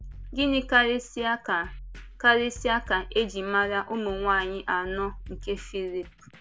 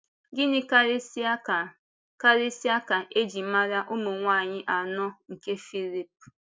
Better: second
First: background sound (Drum kit); 15 dB below the speech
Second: none

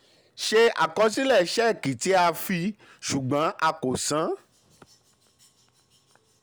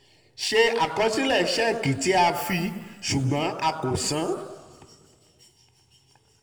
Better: first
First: none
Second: room echo; dies away in 1.4 s

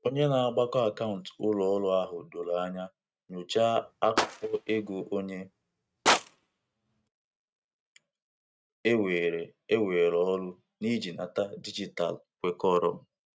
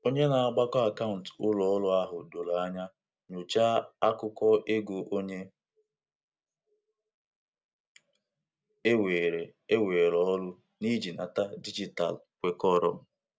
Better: second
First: noise reduction (neural mask model RNNoise)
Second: none

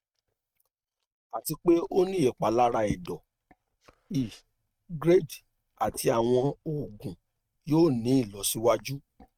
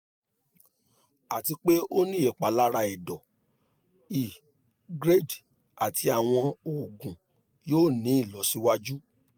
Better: second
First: noise reduction (neural mask model RNNoise)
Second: none

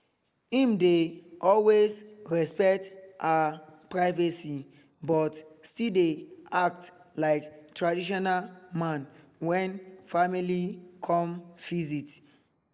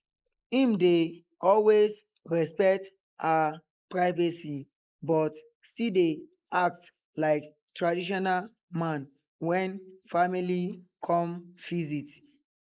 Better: first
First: none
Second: noise reduction (neural mask model Resemble Enhance denoiser)

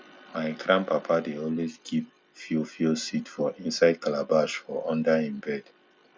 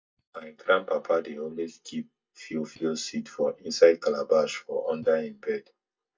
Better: first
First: none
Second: noise reduction (neural mask model DeepFilterNet 3)

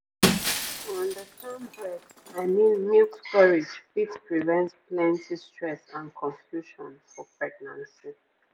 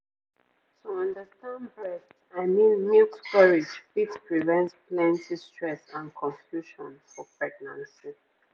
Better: second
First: background sound (Shatter); 5 dB below the speech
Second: none

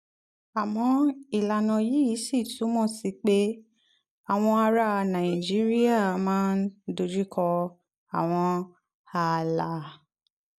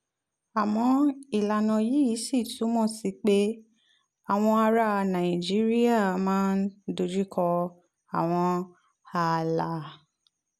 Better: second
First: noise reduction (neural mask model DeepFilterNet 3)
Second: none

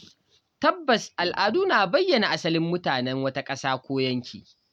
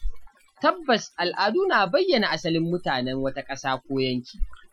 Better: first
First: none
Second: noise reduction (classical method Wiener filter)

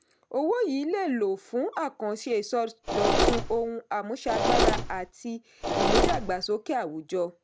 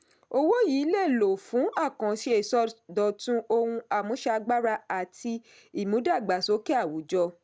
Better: second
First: background sound (Mechanisms); 4 dB above the speech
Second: none

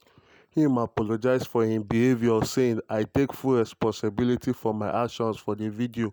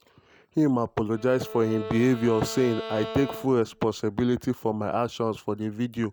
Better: first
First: none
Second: background sound (Bowed string instrument); 13 dB below the speech

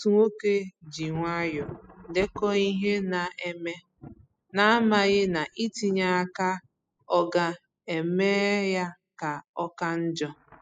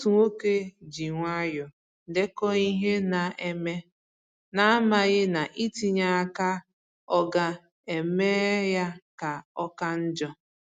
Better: second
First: noise reduction (classical method spectral subtraction)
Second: none

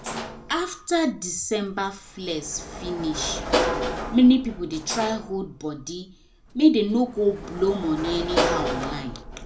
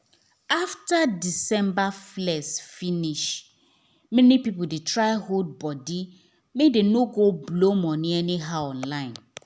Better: second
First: background sound (Sliding door / Slam); 6 dB below the speech // room echo; dies away in 0.3 s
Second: none

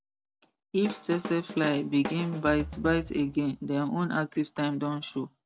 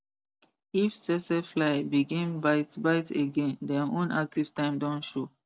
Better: second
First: background sound (Drum kit); 11 dB below the speech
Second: none

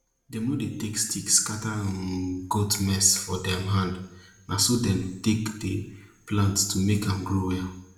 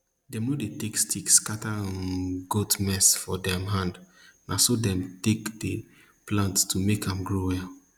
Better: second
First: room echo; dies away in 0.6 s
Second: none

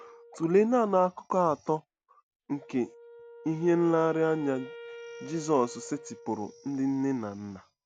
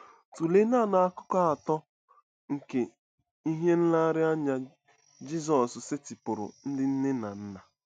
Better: second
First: background sound (Wind instrument, woodwind instrument); 19 dB below the speech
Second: none

